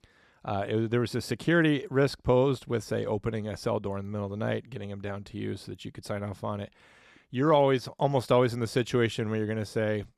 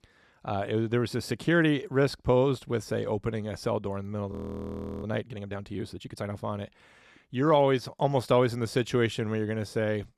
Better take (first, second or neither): first